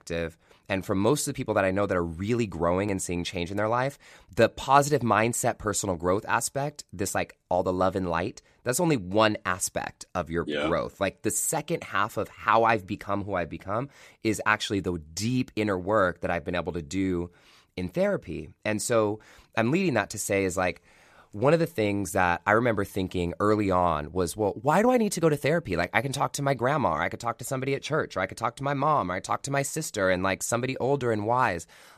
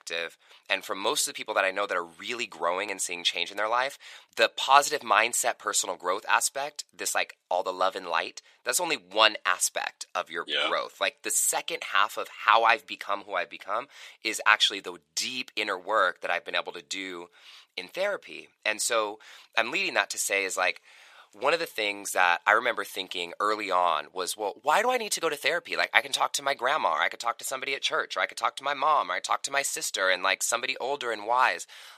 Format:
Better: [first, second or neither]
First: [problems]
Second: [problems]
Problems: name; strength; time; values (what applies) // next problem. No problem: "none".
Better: first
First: none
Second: thin; very; fading below 750 Hz